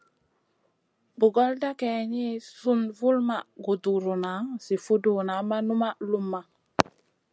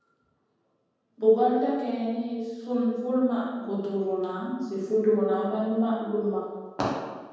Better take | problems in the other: first | room echo; dies away in 1.2 s

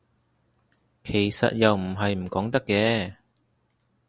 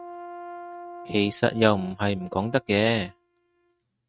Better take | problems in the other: first | noise reduction (neural mask model RNNoise)

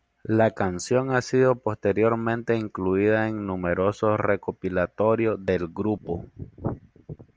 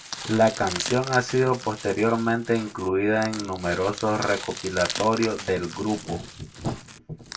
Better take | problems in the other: first | background sound (Crushing); 12 dB below the speech // room echo; dies away in 0.1 s

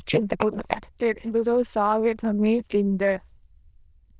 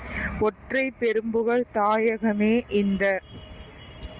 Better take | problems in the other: second | noise reduction (neural diffusion model UNIVERSE++)

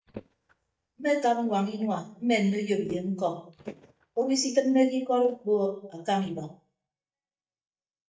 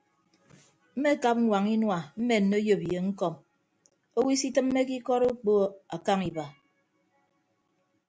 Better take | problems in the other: second | noise reduction (neural mask model DeepFilterNet 3)

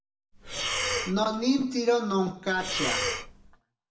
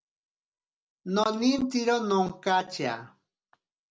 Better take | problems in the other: second | background sound (Breathing); 3 dB below the speech // room echo; dies away in 0.6 s

